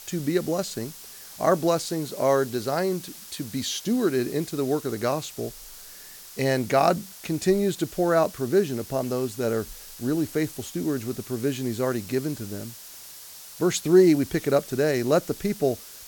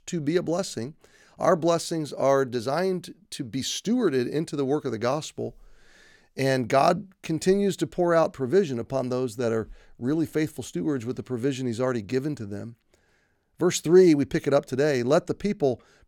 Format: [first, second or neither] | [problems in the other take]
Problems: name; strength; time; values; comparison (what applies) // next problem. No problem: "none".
second | hiss; noticeable; throughout; 15 dB below the speech